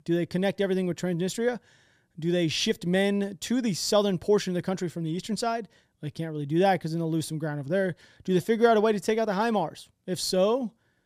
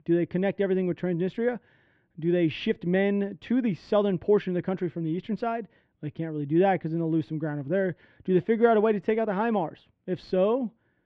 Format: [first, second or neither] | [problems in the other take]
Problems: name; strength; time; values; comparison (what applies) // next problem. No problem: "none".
first | muffled; very; fading above 2.5 kHz